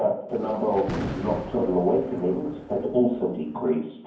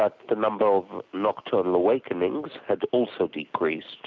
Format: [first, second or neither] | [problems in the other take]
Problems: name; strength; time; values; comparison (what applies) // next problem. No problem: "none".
second | background sound (Thunder); 11 dB below the speech // room echo; dies away in 0.9 s